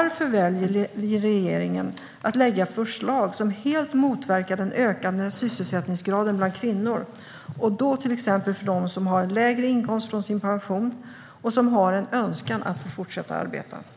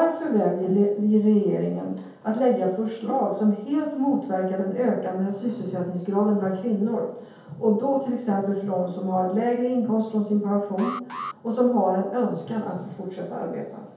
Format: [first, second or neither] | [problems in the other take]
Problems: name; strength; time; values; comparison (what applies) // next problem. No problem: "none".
first | background sound (Alarm); 14 dB below the speech // room echo; dies away in 0.7 s